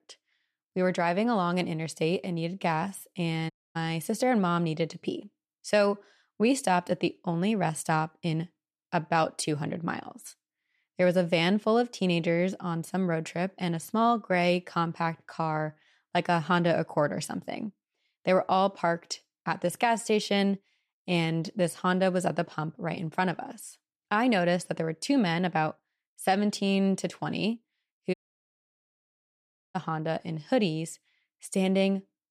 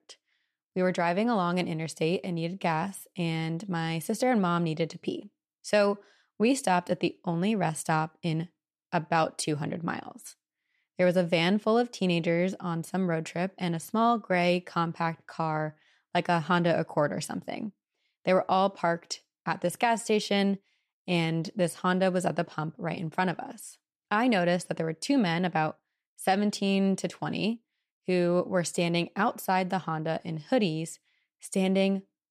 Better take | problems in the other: second | audio cutting out; at 3.5 s and at 28 s for 1.5 s

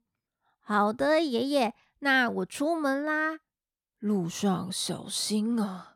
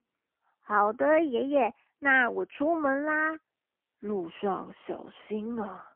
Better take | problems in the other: first | phone-call audio; poor line; nothing above 3 kHz

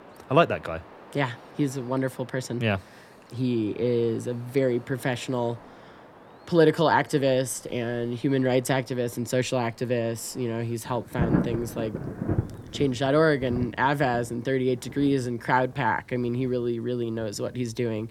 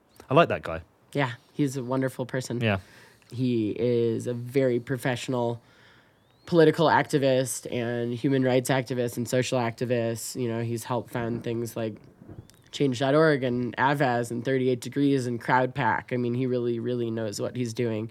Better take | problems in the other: second | rain or running water; loud; throughout; 9 dB below the speech; faint in the second

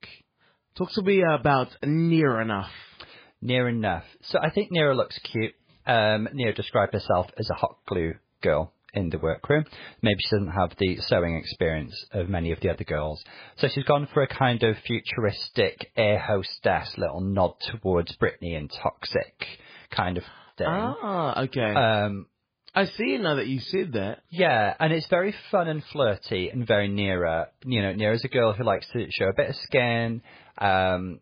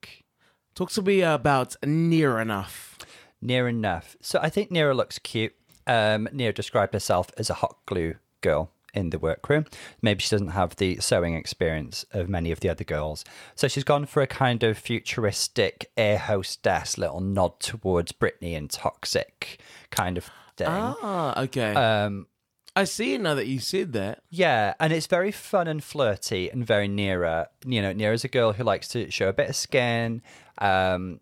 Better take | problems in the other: second | garbled, watery; badly; nothing above 5 kHz

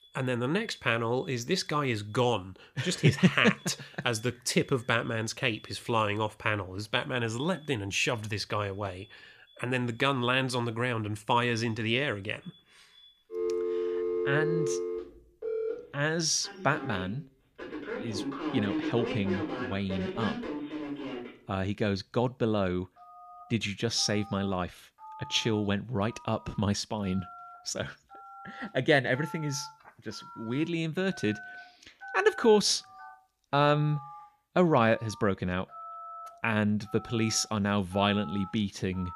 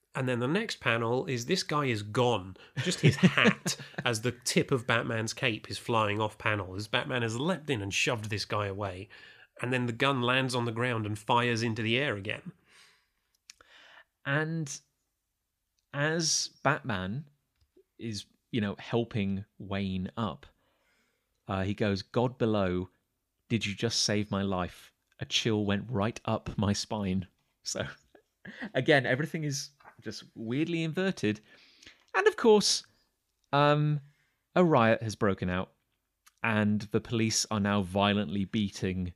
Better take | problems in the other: second | alarms or sirens; loud; throughout; 8 dB below the speech

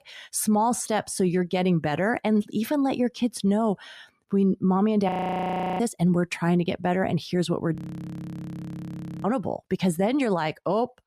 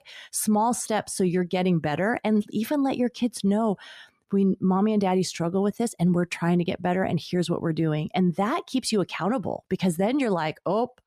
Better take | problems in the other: second | audio freezing; at 5 s for 0.5 s and at 8 s for 1.5 s

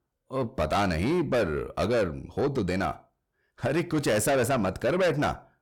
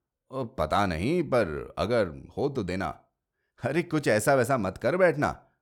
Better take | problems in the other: second | distortion; heavy; 8 dB below the speech

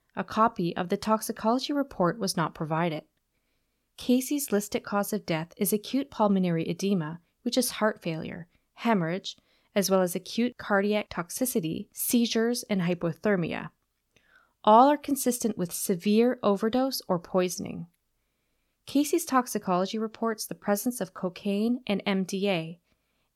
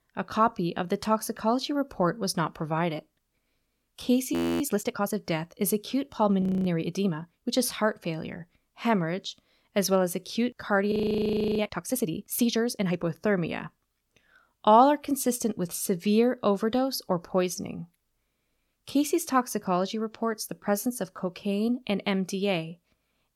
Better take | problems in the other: first | audio freezing; at 4.5 s, at 6.5 s and at 11 s for 0.5 s

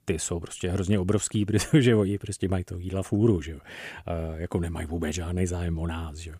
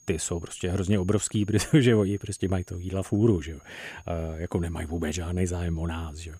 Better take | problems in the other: first | high-pitched whine; faint; throughout; 6.5 kHz, 30 dB below the speech

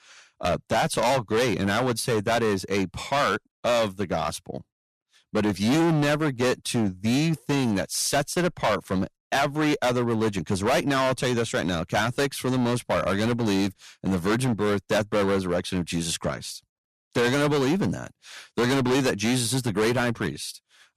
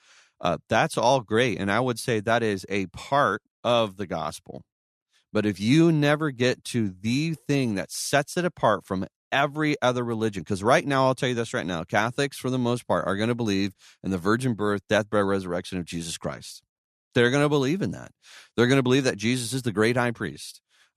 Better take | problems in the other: second | distortion; heavy; 15% of the sound clipped

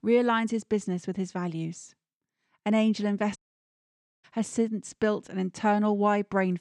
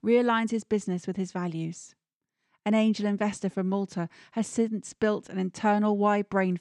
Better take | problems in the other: second | audio cutting out; at 3.5 s for 1 s

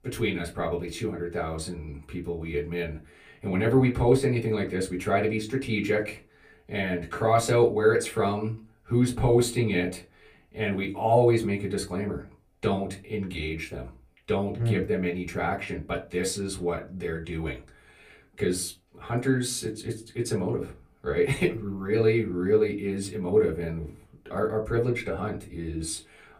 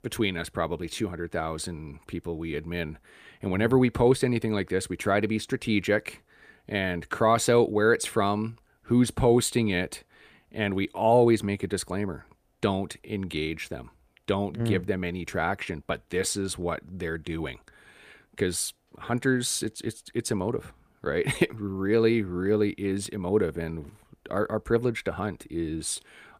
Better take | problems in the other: second | off-mic speech; far // room echo; very slight; dies away in 0.2 s

